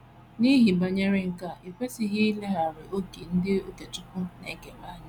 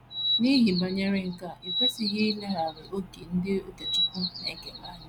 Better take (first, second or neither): first